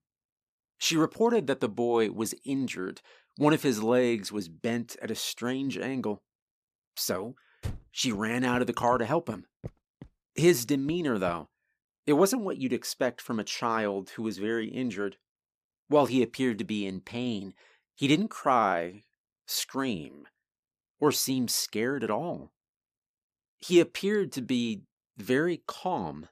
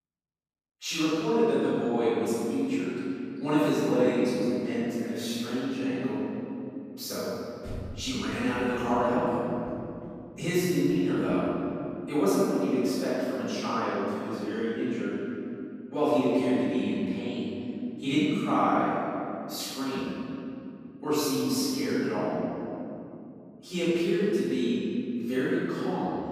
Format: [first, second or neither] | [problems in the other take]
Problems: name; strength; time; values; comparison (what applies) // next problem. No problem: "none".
first | off-mic speech; far // room echo; strong; dies away in 2.8 s